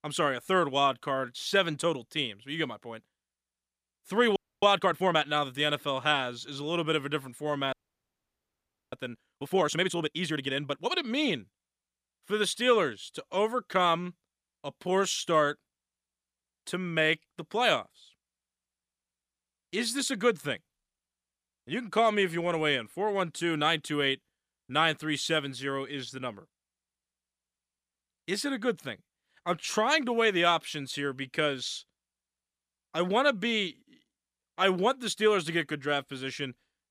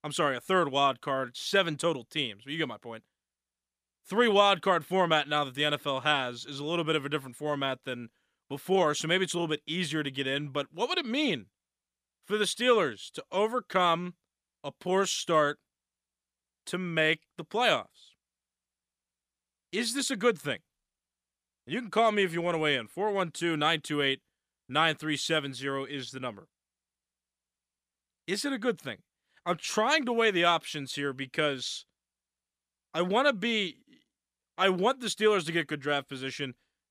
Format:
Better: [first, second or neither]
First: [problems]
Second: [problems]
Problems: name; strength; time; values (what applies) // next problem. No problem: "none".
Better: second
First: audio freezing; at 4.5 s and at 7.5 s for 1 s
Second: none